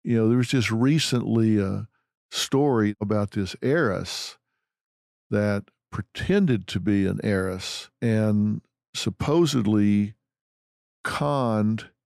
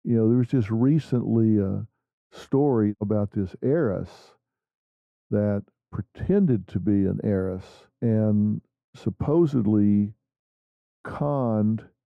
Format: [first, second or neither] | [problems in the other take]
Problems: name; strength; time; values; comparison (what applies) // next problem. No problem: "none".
first | muffled; very; fading above 1.5 kHz